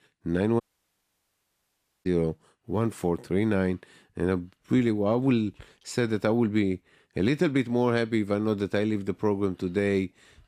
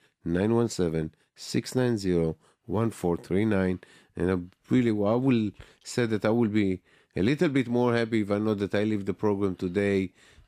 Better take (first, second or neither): second